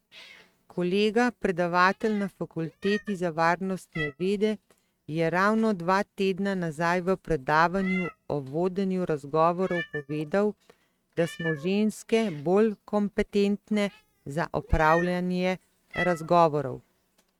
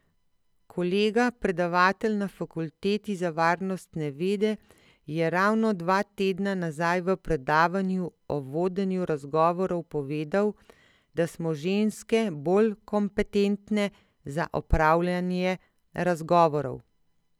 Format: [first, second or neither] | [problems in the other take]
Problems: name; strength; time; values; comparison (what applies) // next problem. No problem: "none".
second | noise reduction (neural mask model RNNoise)